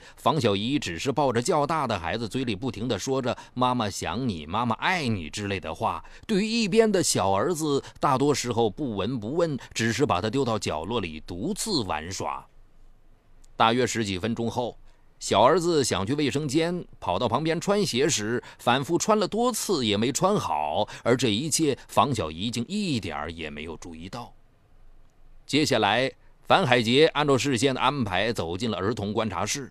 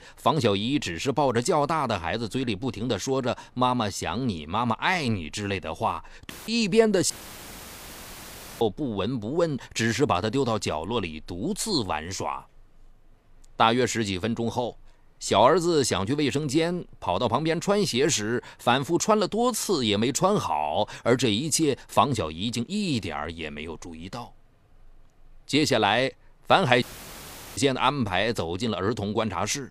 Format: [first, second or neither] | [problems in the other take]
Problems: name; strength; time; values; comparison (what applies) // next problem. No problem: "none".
first | audio cutting out; filled with static; at 6.5 s, at 7 s for 1.5 s and at 27 s for 1 s